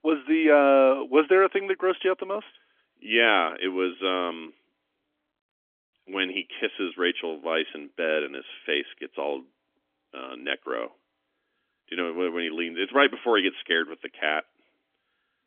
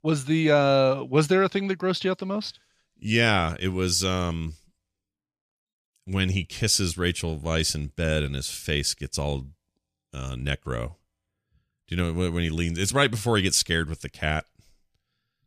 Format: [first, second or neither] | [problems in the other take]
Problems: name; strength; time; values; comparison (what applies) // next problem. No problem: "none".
second | phone-call audio; nothing above 3.5 kHz